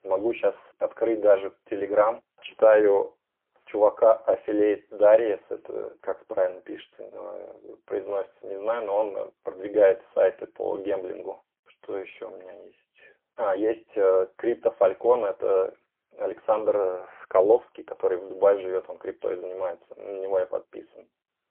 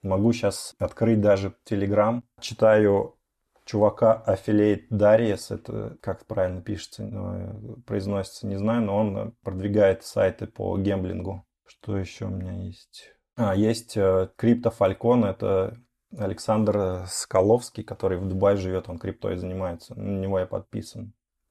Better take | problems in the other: second | phone-call audio; poor line; nothing above 3 kHz

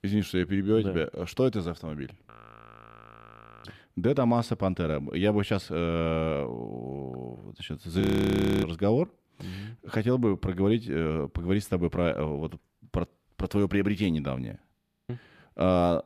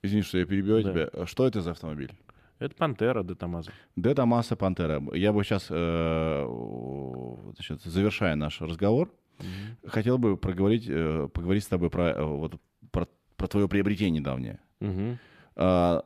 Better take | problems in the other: second | audio freezing; at 2.5 s for 1.5 s, at 8 s for 0.5 s and at 15 s

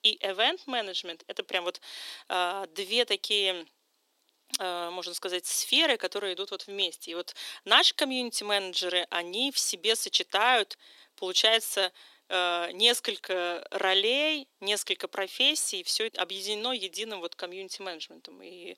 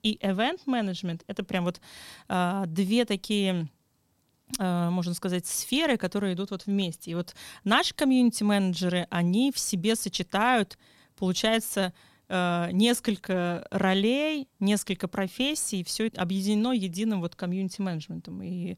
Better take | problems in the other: second | thin; very; fading below 300 Hz

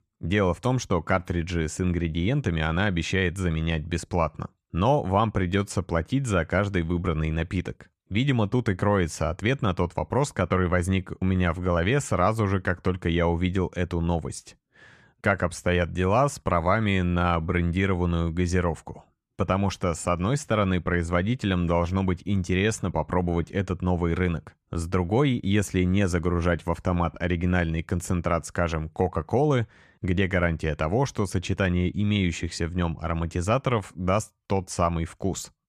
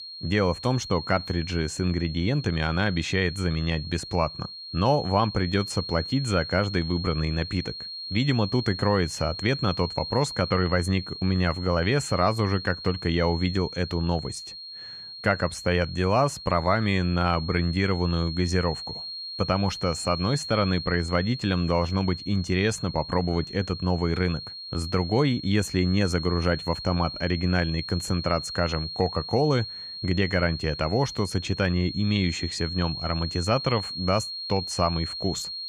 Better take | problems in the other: first | high-pitched whine; loud; throughout; 4.5 kHz, 9 dB below the speech

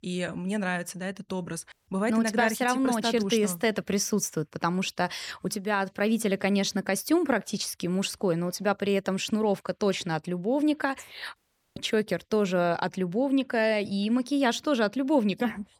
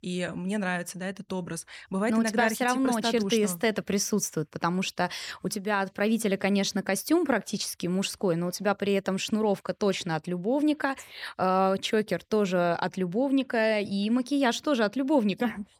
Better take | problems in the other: second | audio cutting out; at 1.5 s and at 11 s

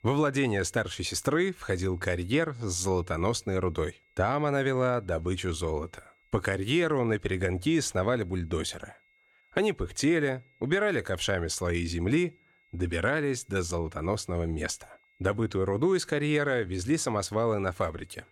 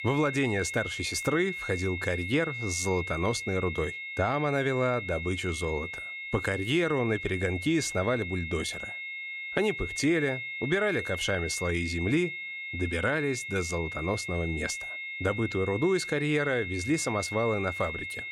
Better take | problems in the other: first | high-pitched whine; loud; throughout; 2 kHz, 6 dB below the speech; faint in the first

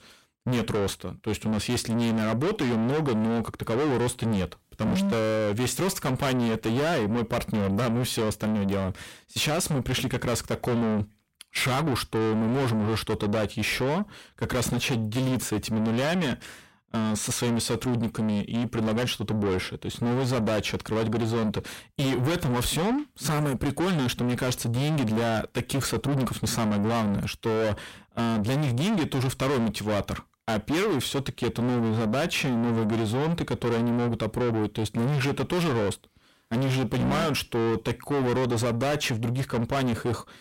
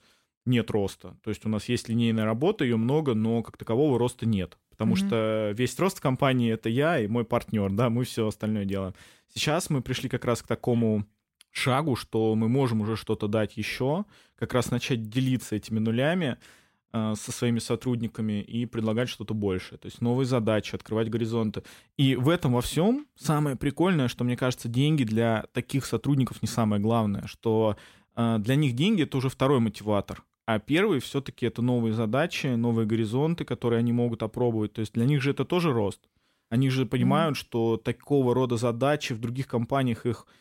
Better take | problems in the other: second | distortion; heavy; 6 dB below the speech

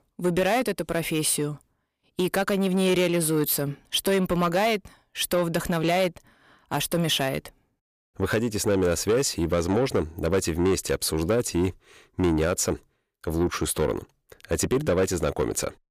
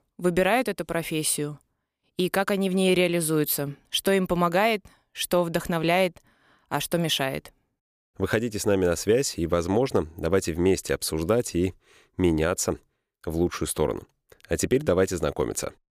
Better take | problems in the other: second | distortion; slight; 10 dB below the speech

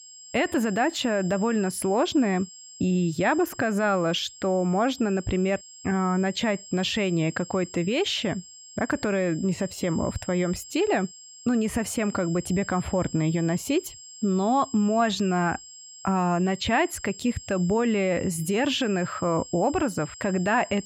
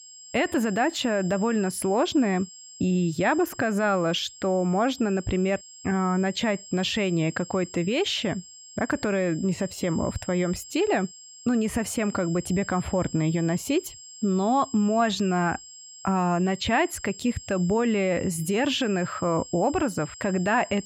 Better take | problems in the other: neither | high-pitched whine; noticeable; throughout; 7.5 kHz, 15 dB below the speech; the same in both

